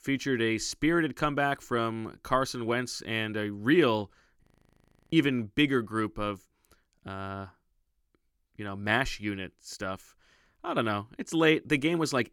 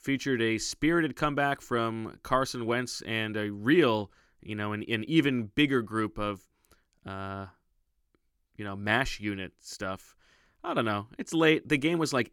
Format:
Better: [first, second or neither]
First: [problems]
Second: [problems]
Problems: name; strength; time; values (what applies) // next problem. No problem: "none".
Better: second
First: audio freezing; at 4.5 s for 0.5 s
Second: none